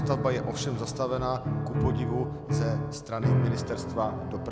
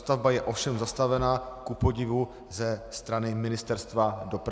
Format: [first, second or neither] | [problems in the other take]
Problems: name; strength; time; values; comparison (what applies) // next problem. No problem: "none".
second | background sound (Piano); 2 dB above the speech